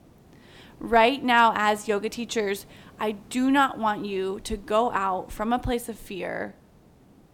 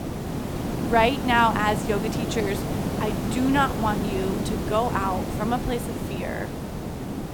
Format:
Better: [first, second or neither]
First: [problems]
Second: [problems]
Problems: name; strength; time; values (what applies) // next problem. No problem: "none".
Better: first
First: hiss; faint; throughout; 25 dB below the speech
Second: hiss; loud; throughout; 3 dB below the speech